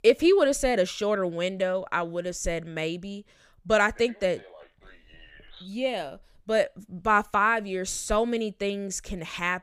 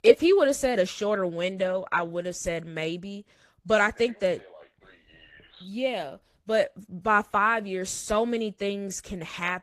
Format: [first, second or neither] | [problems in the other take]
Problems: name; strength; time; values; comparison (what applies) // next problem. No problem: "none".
first | garbled, watery; slightly